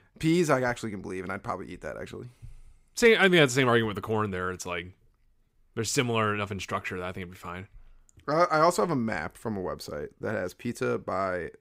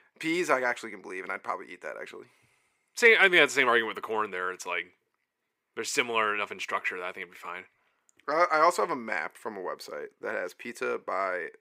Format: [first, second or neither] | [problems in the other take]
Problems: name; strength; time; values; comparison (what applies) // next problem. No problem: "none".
first | thin; somewhat; fading below 400 Hz